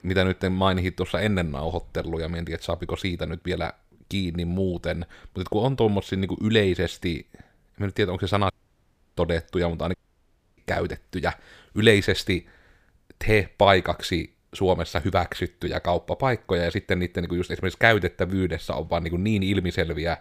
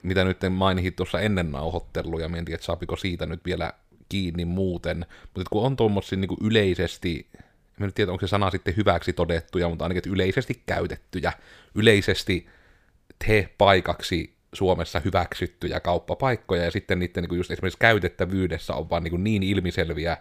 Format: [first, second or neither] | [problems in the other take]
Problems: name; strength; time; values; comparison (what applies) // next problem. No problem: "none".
second | audio cutting out; at 8.5 s for 0.5 s and at 10 s for 0.5 s